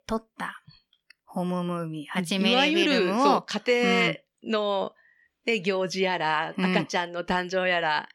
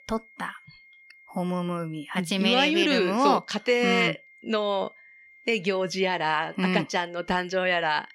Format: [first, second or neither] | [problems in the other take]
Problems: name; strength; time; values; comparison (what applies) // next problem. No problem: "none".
first | high-pitched whine; faint; throughout; 2 kHz, 25 dB below the speech